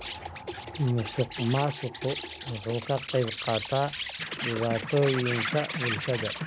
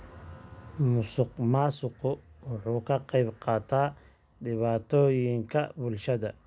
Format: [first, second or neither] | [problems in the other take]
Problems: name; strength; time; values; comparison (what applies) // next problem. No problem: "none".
second | background sound (Insect); 6 dB below the speech